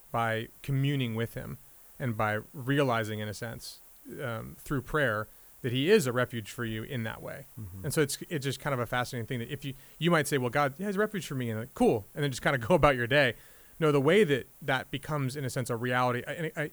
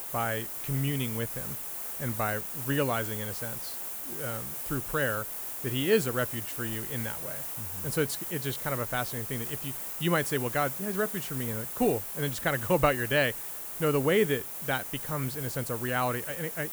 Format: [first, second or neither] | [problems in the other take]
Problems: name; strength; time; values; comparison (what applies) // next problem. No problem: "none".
first | hiss; loud; throughout; 3 dB below the speech; faint in the first